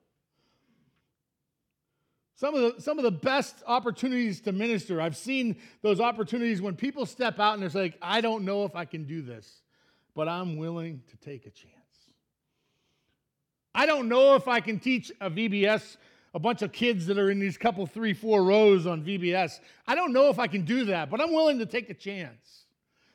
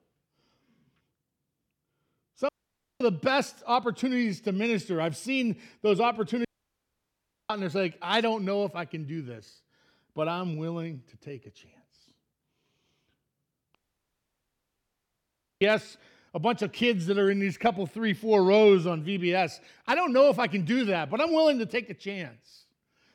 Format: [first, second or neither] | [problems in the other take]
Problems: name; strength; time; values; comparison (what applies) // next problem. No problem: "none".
first | audio cutting out; at 2.5 s for 0.5 s, at 6.5 s for 1 s and at 14 s for 2 s